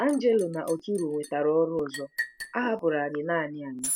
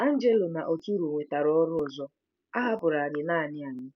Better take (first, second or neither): second